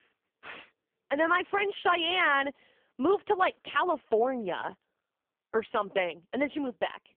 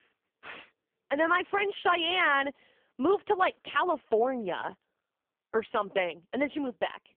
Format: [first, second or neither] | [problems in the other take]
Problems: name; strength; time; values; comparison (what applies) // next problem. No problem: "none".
neither | phone-call audio; poor line; nothing above 3.5 kHz; the same in both